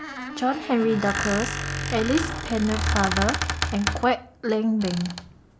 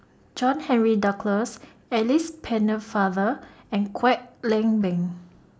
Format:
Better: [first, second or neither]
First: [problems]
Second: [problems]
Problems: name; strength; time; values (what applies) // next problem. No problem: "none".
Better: second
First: background sound (Squeak); 4 dB below the speech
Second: none